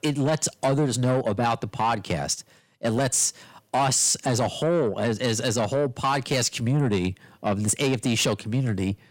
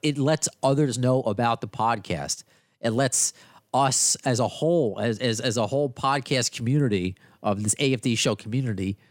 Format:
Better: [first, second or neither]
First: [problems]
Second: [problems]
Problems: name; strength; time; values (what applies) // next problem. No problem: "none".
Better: second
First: distortion; slight; 10 dB below the speech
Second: none